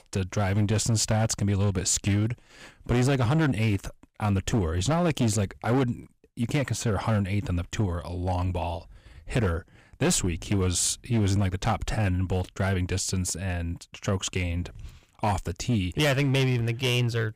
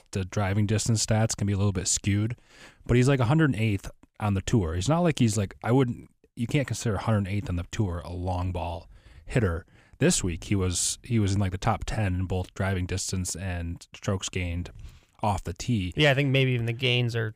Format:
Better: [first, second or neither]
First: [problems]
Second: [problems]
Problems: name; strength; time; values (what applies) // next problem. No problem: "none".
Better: second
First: distortion; slight; 9% of the sound clipped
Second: none